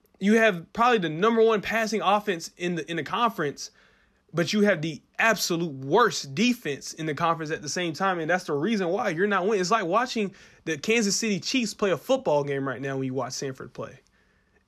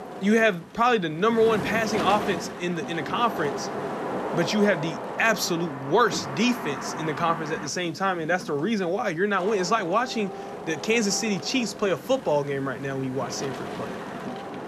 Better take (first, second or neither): first